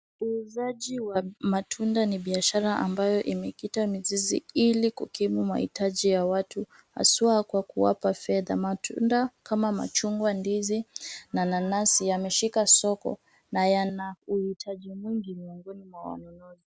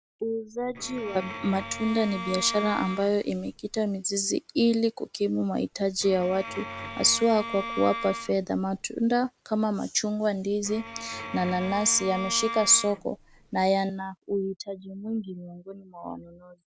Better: first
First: none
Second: background sound (Bowed string instrument); 10 dB below the speech

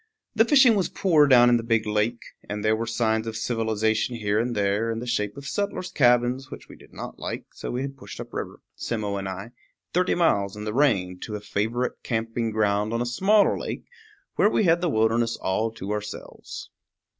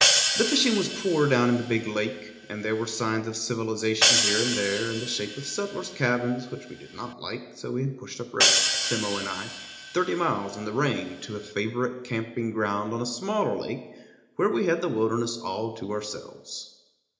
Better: first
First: none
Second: background sound (Hi-hat); as loud as the speech // room echo; dies away in 0.8 s

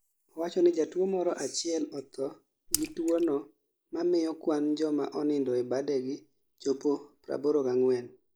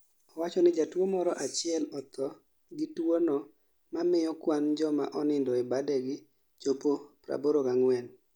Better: second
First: noise reduction (neural mask model Resemble Enhance denoiser)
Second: none

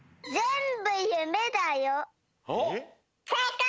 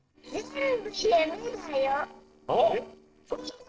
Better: first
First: none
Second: noise reduction (neural separator model SepFormer DNS4)

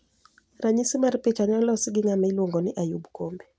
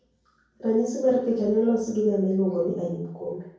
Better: first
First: none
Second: room echo; dies away in 0.6 s

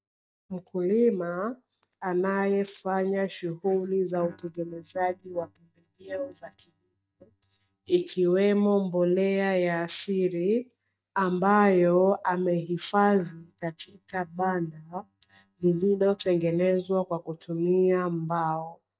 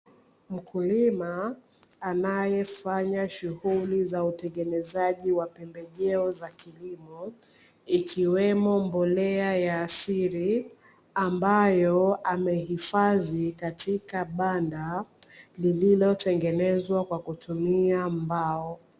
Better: second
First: noise reduction (neural mask model DeepFilterNet 3)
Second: none

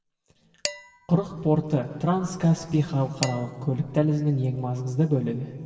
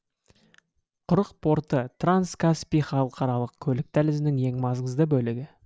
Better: second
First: background sound (Dishes, pots, and pans); 16 dB below the speech // room echo; dies away in 2.8 s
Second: none

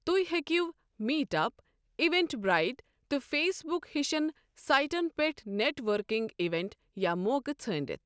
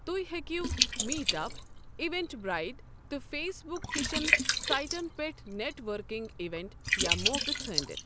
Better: first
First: none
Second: background sound (Liquid); 3 dB above the speech

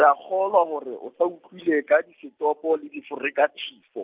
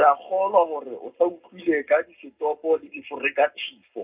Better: first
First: none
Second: room echo; dies away in 0.2 s

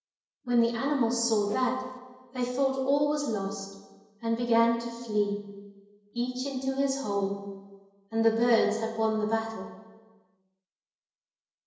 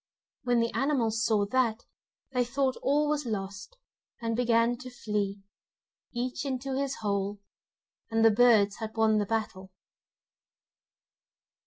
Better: second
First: background sound (Whoosh, swoosh, swish); 18 dB below the speech // room echo; dies away in 1 s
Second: none

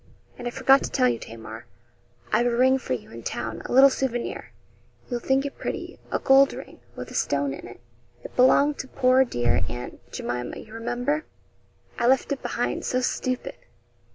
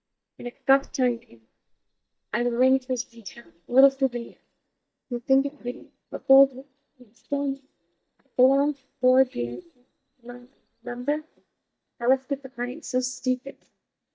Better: first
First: none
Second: noise reduction (neural mask model DeepFilterNet 3)

